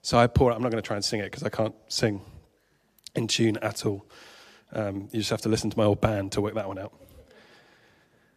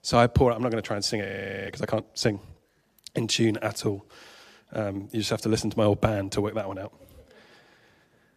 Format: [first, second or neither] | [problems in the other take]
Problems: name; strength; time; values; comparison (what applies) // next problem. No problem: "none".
first | audio freezing; at 1.5 s